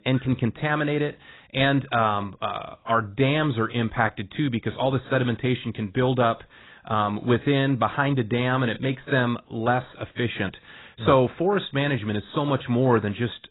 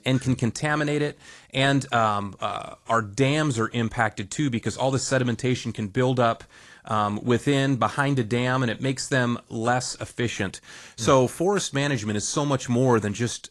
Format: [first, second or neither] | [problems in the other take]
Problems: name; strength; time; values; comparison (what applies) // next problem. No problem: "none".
second | garbled, watery; badly; nothing above 4 kHz; slightly in the second